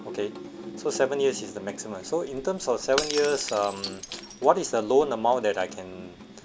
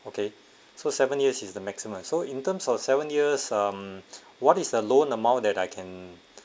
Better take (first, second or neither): second